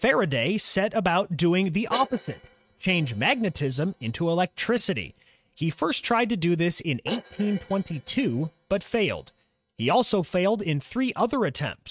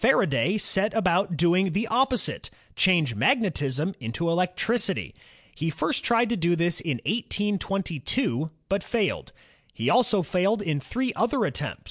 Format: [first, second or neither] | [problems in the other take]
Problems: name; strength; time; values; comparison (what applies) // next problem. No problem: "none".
second | noise reduction (neural mask model RNNoise)